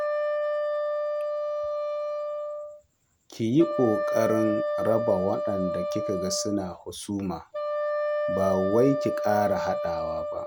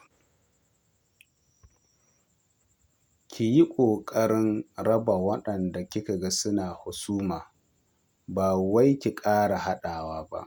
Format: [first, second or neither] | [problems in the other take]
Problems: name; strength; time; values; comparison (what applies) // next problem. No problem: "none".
second | background sound (Wind instrument, woodwind instrument); as loud as the speech